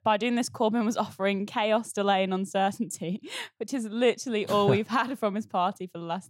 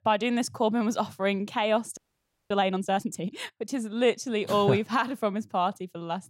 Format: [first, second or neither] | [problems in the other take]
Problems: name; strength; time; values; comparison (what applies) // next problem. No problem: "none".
first | audio freezing; at 2 s for 0.5 s